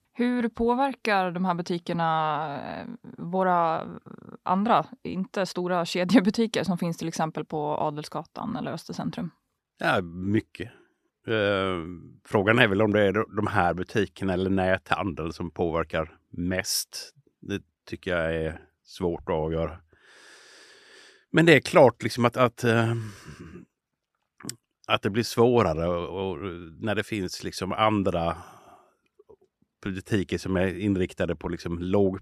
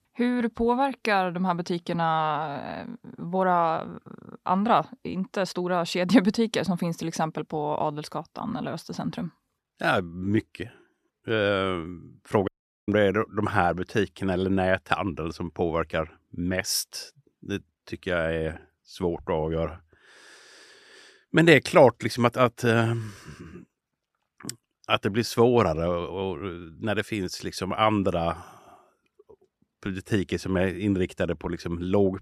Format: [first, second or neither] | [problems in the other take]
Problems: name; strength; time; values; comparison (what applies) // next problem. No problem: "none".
first | audio cutting out; at 12 s